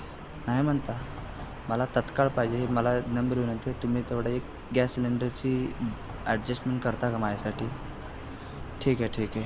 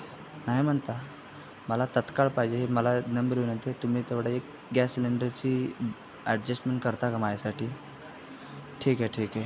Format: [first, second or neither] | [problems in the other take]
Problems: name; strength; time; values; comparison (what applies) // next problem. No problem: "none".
second | background sound (Traffic noise, roadway noise); 11 dB below the speech